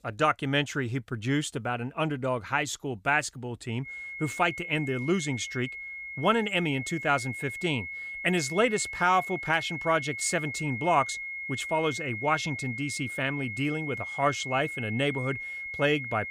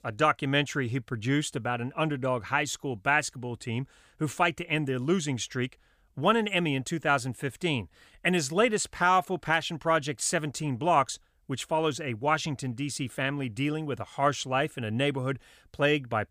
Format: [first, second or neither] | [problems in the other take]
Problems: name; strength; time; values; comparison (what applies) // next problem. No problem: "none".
second | high-pitched whine; loud; from 4 s on; 2 kHz, 6 dB below the speech